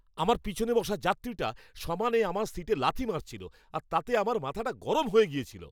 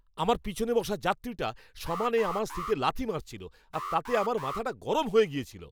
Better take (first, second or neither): first